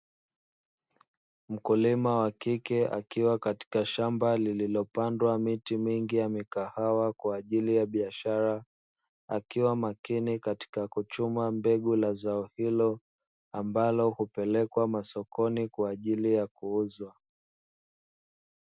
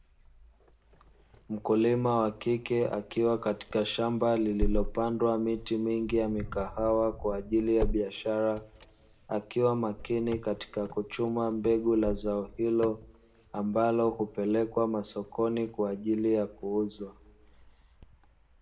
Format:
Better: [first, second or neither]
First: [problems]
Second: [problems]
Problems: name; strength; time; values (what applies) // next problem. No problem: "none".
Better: first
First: none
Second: background sound (Wind); 11 dB below the speech // room echo; dies away in 0.5 s